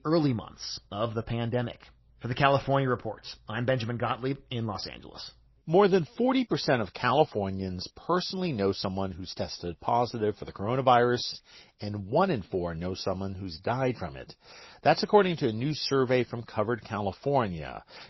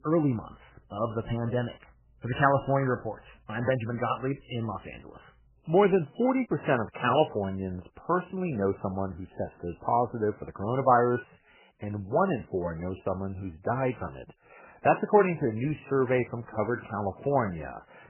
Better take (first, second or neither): first